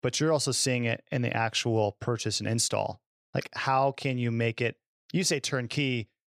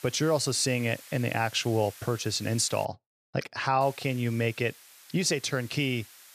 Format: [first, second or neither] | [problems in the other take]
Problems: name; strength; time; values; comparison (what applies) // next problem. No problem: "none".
first | hiss; noticeable; until 3 s and from 4 s on; 20 dB below the speech